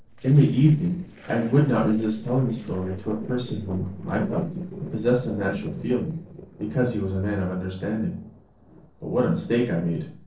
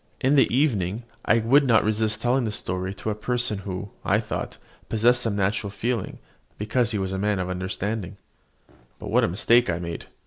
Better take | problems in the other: second | noise reduction (neural separator model SepFormer DNS4)

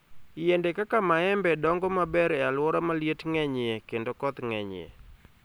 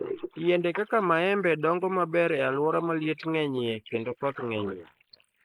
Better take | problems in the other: first | noise reduction (neural mask model Resemble Enhance denoiser)

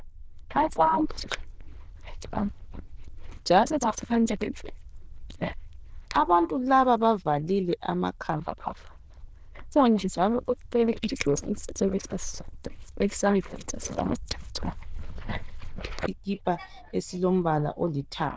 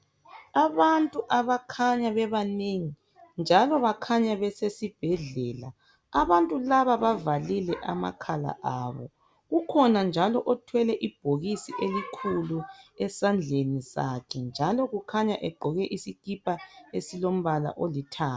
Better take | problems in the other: second | noise reduction (neural diffusion model UNIVERSE++)

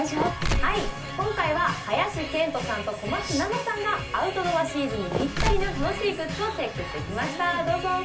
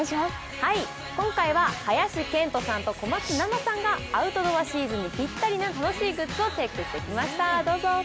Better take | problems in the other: second | background sound (Mechanisms); 4 dB below the speech // room echo; dies away in 0.3 s

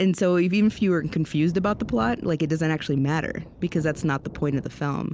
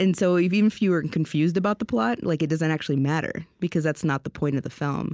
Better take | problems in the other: second | background sound (Thunder); 18 dB below the speech

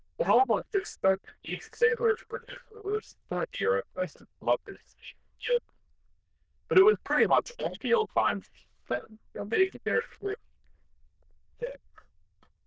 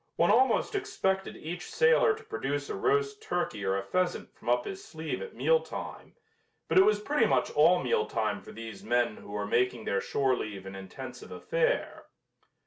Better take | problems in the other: second | noise reduction (neural diffusion model UNIVERSE++)

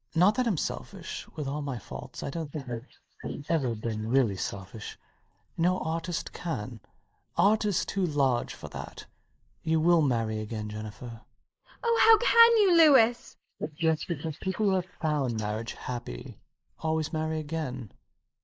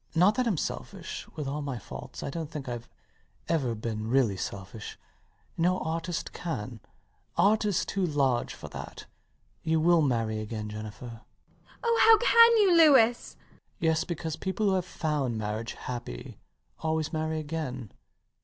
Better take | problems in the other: second | noise reduction (neural mask model Resemble Enhance denoiser)

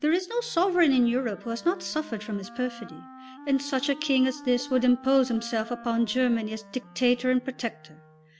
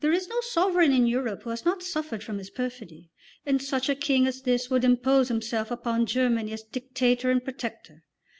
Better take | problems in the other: second | background sound (Wind instrument, woodwind instrument); 19 dB below the speech

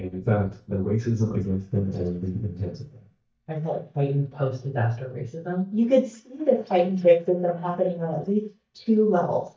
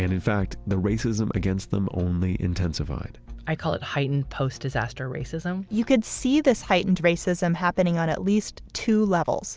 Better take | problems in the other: second | noise reduction (neural mask model DeepFilterNet 3)

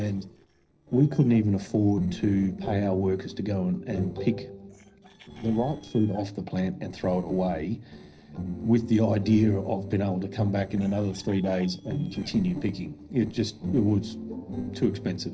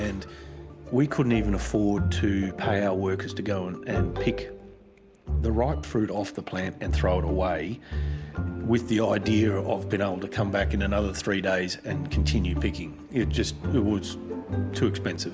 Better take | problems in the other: second | noise reduction (neural separator model SepFormer DNS4)

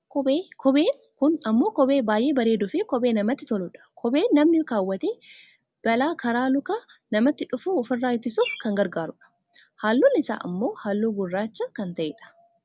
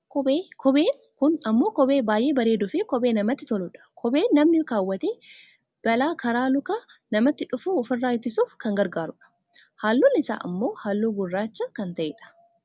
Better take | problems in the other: second | background sound (Bird); 15 dB below the speech

